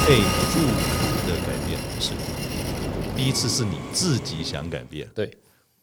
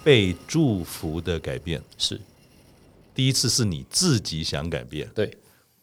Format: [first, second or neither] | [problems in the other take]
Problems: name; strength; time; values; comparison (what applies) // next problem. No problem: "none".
second | train or aircraft noise; loud; until 4.5 s; as loud as the speech; faint in the second